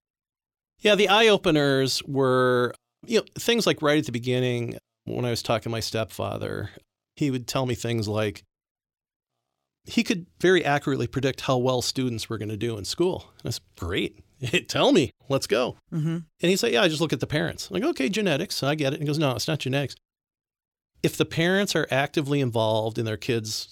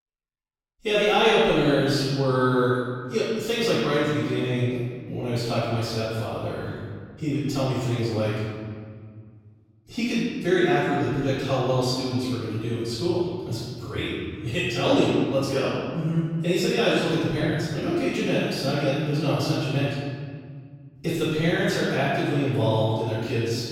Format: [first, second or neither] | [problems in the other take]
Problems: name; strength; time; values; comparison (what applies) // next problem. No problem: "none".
first | off-mic speech; far // room echo; strong; dies away in 1.8 s